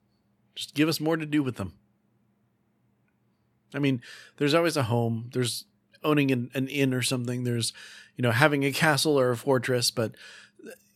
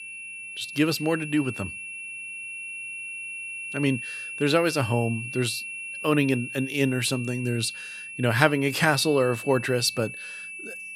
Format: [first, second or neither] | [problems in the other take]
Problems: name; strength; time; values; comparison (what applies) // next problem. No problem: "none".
first | high-pitched whine; loud; throughout; 2.5 kHz, 9 dB below the speech